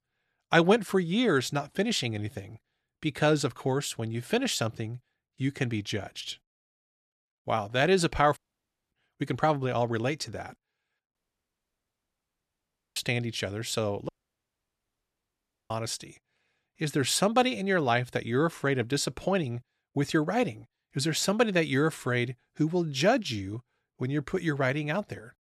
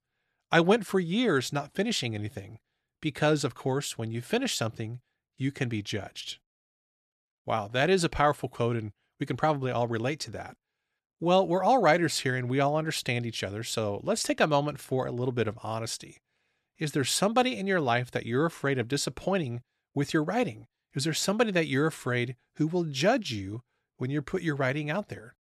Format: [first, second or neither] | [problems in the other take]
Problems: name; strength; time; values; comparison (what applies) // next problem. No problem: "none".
second | audio cutting out; at 8.5 s for 0.5 s, at 11 s for 2 s and at 14 s for 1.5 s